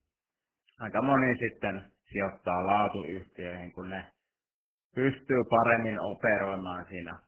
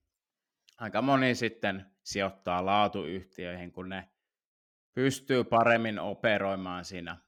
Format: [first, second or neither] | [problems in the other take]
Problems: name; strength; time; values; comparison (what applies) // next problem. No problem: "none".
second | garbled, watery; badly; nothing above 3 kHz